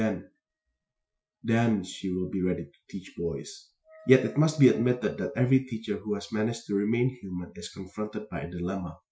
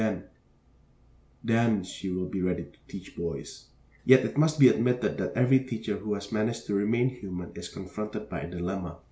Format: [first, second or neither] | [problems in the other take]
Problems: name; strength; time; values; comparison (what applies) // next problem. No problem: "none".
second | noise reduction (classical method Wiener filter)